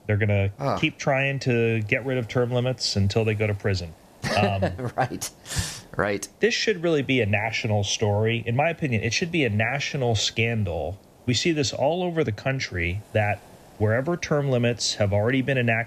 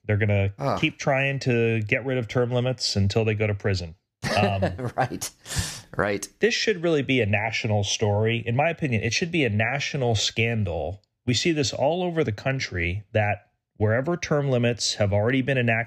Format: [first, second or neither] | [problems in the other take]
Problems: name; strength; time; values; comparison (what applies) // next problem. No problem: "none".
second | hiss; faint; throughout; 25 dB below the speech